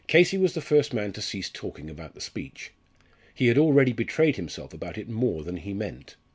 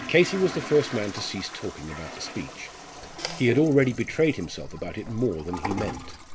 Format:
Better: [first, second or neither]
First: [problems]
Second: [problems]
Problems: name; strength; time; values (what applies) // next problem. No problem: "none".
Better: first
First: none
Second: background sound (Toilet flush); 11 dB below the speech